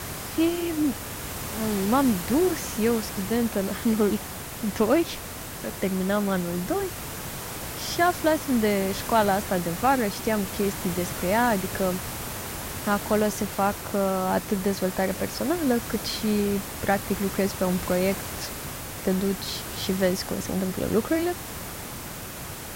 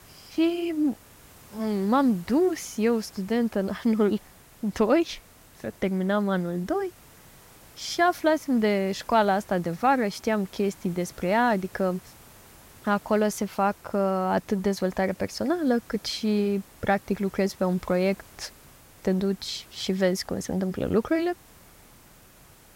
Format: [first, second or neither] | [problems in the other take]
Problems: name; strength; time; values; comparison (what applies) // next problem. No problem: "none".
second | hiss; loud; throughout; 7 dB below the speech; faint in the second